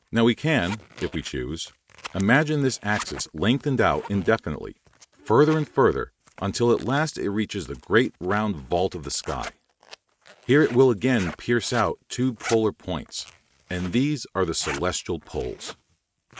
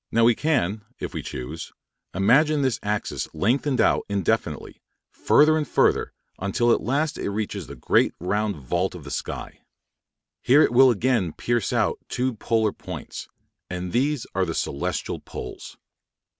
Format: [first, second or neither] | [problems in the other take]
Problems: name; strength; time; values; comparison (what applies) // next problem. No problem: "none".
second | noise reduction (neural mask model RNNoise)